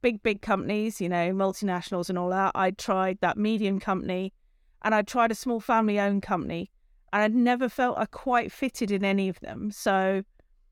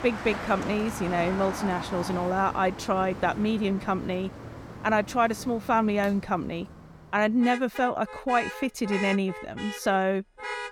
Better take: first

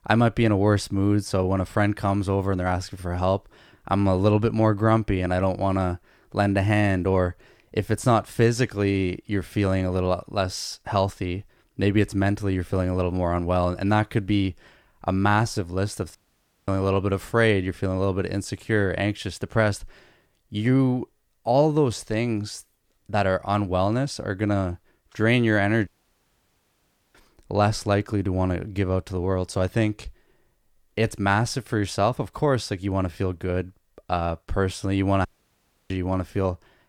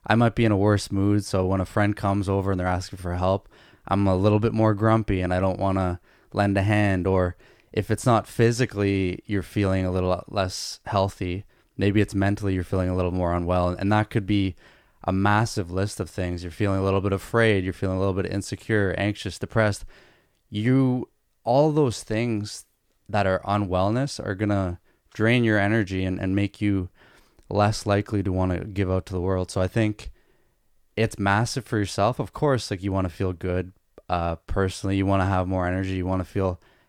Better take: second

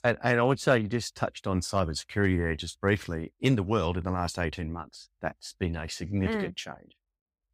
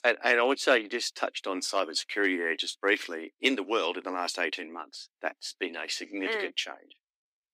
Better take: first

